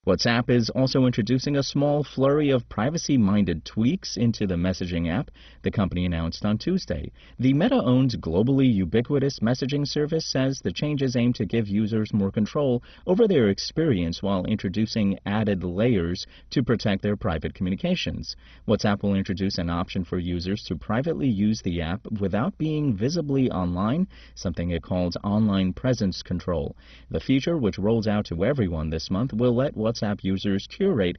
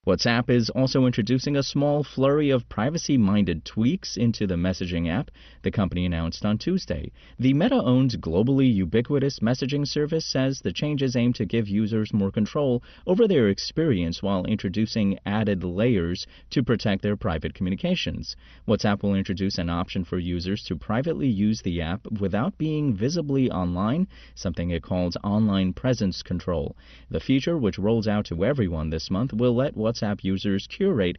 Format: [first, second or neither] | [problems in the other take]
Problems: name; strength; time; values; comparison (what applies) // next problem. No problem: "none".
second | garbled, watery; badly; nothing above 6 kHz; slightly in the second